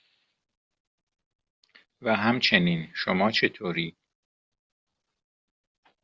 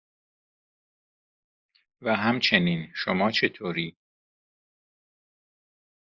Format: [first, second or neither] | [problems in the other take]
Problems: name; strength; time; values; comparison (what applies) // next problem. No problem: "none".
first | noise reduction (neural mask model Resemble Enhance denoiser)